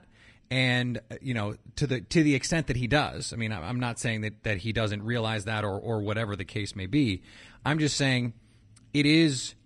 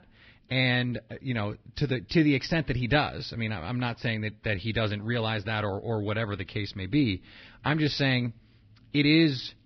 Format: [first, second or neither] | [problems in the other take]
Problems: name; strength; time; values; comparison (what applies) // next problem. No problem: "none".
first | garbled, watery; badly; nothing above 5.5 kHz; slightly in the first